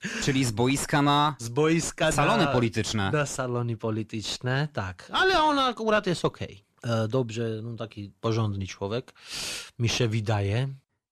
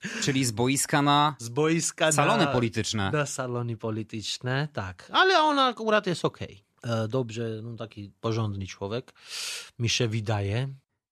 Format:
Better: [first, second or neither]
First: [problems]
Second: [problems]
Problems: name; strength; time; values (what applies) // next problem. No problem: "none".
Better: second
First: distortion; slight; 9 dB below the speech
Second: none